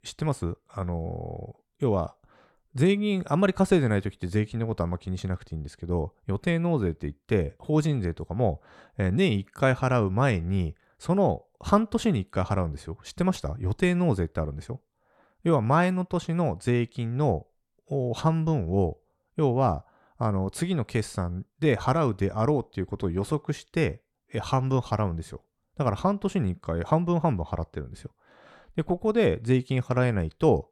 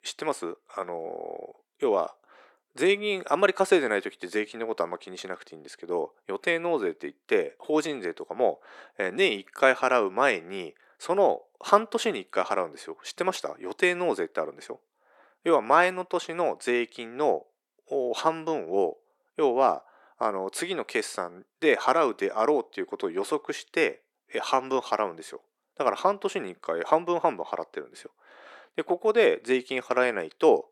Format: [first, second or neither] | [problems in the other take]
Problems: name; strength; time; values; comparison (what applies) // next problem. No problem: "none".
first | thin; very; fading below 350 Hz